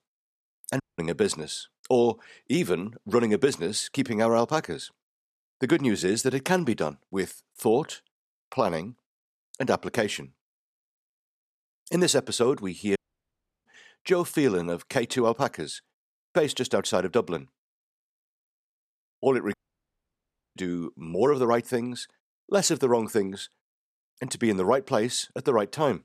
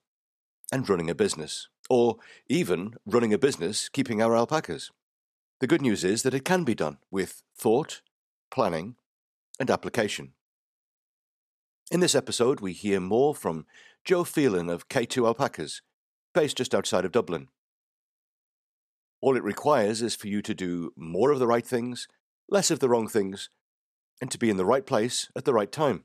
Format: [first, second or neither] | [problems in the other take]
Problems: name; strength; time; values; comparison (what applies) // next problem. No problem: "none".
second | audio cutting out; at 1 s, at 13 s for 0.5 s and at 20 s for 1 s